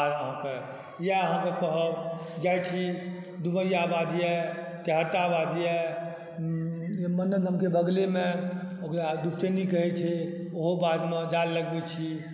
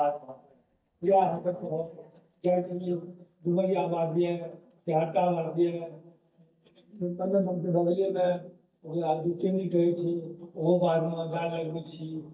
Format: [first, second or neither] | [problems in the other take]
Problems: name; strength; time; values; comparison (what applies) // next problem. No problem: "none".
first | noise reduction (neural mask model DeepFilterNet 3)